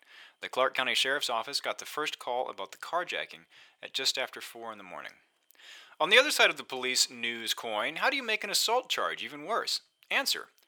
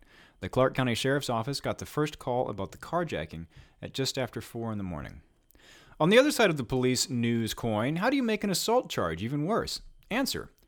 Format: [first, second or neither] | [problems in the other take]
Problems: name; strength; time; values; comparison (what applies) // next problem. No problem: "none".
second | thin; very; fading below 650 Hz